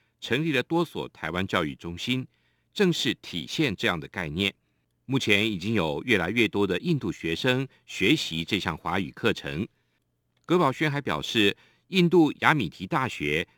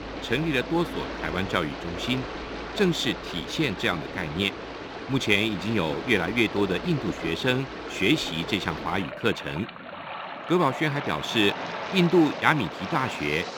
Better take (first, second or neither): first